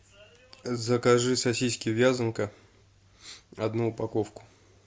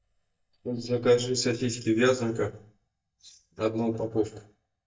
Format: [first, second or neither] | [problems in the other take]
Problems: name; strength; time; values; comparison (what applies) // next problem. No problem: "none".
first | noise reduction (neural mask model DeepFilterNet 3)